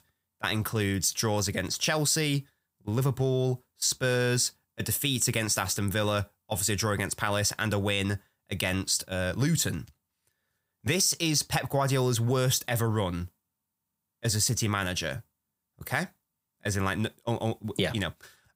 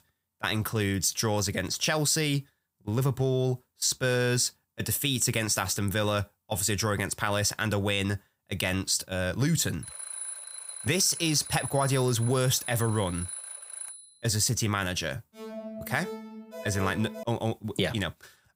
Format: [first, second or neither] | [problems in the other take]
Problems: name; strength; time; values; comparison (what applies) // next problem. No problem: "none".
first | alarm; noticeable; from 10 to 14 s; peak 7 dB below the speech // alarm; faint; from 15 to 17 s; peak 10 dB below the speech